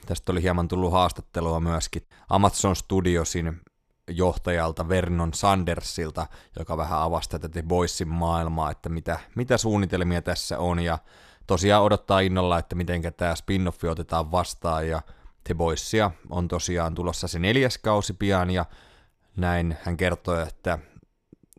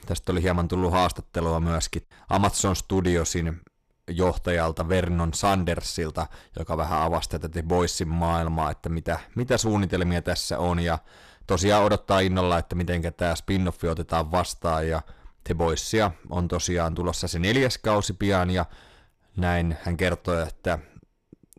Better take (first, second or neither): first